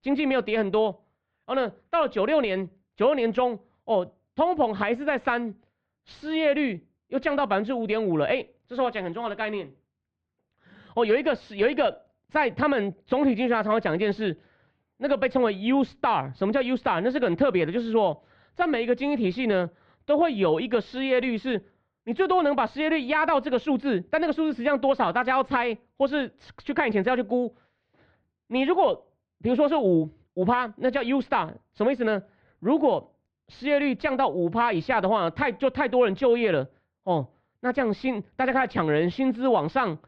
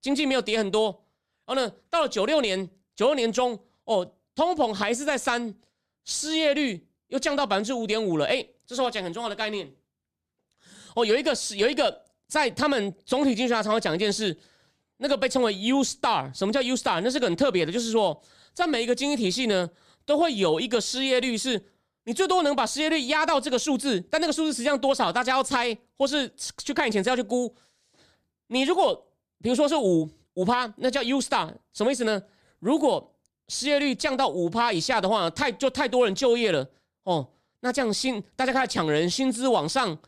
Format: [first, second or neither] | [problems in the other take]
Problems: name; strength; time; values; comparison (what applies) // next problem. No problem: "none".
second | muffled; very; fading above 2.5 kHz